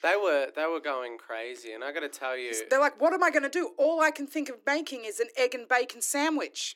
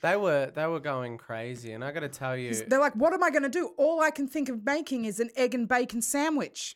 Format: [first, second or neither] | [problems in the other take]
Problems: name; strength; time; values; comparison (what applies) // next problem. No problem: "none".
second | thin; very slightly; fading below 300 Hz